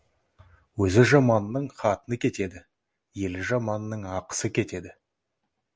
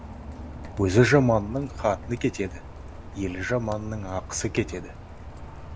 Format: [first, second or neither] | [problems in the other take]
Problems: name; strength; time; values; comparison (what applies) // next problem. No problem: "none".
first | background sound (Rain); 12 dB below the speech